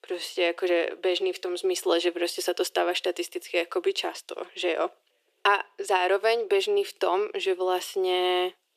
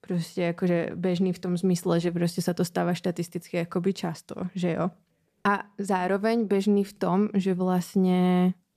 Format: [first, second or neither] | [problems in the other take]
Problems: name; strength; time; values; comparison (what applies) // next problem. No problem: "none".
second | thin; very; fading below 350 Hz